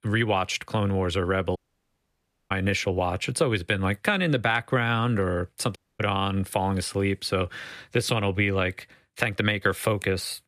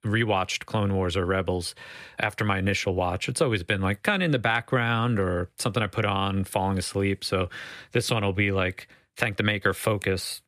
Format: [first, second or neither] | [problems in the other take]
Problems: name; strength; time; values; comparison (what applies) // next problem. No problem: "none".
second | audio cutting out; at 1.5 s for 1 s and at 6 s